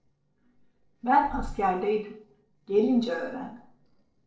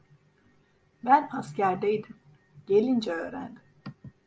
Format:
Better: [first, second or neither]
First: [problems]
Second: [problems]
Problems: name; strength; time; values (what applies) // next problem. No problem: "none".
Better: second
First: noise reduction (neural separator model SepFormer DNS4)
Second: none